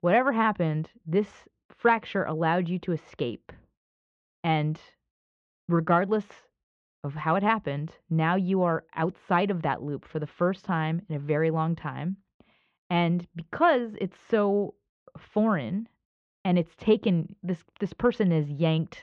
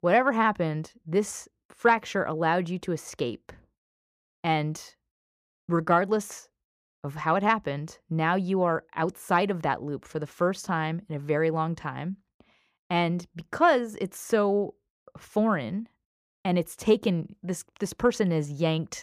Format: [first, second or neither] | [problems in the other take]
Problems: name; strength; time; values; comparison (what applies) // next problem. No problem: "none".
second | muffled; slightly; fading above 3.5 kHz